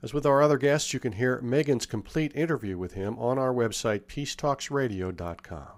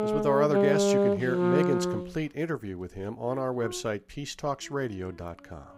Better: first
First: none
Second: background music; very loud; throughout; 5 dB above the speech

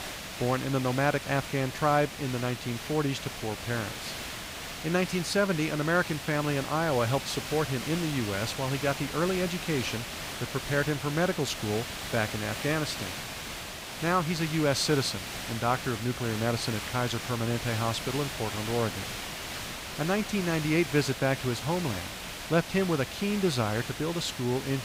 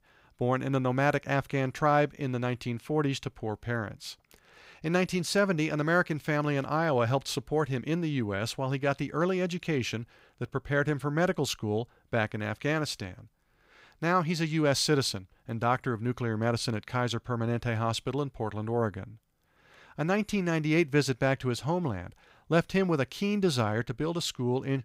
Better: second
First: hiss; loud; throughout; 7 dB below the speech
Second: none

